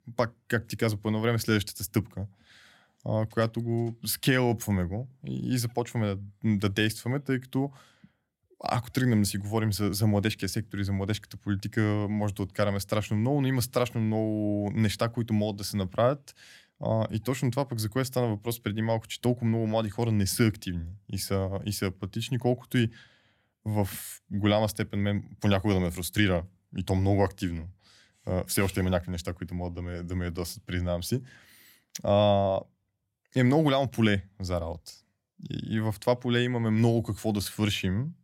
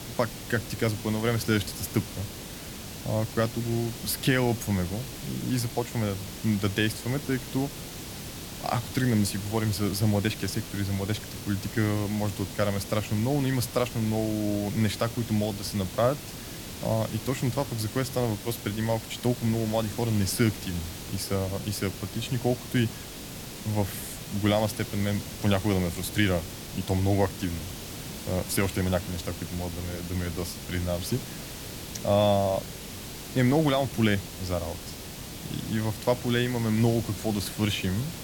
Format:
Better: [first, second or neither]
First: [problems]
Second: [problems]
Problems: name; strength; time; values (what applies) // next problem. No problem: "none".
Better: first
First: none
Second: hiss; loud; throughout; 9 dB below the speech